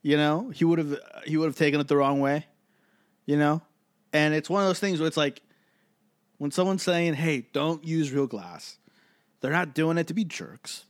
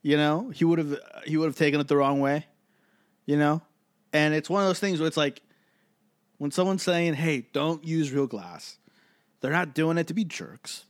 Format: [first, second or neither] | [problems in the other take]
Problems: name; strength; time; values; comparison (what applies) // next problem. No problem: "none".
neither | none